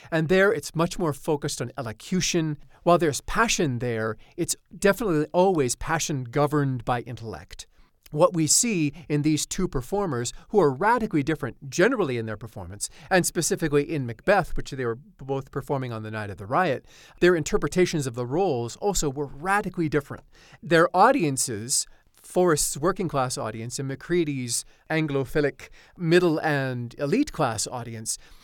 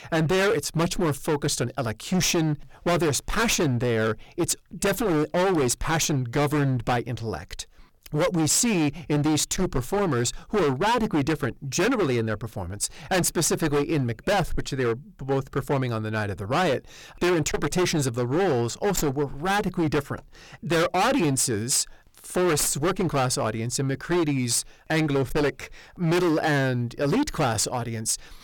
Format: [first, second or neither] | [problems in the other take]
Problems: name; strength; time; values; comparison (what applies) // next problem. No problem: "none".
first | distortion; heavy; 20% of the sound clipped